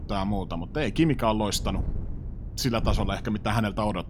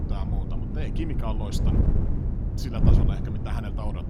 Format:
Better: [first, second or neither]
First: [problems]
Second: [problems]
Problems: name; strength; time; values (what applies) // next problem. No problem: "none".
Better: first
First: wind noise on the microphone; occasional gusts; 20 dB below the speech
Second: wind noise on the microphone; heavy; 1 dB above the speech